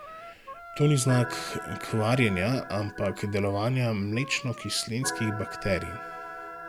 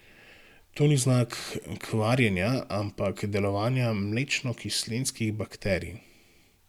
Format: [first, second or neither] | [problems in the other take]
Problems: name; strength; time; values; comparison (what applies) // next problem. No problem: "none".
second | background sound (Organ + Wind instrument, woodwind instrument); 11 dB below the speech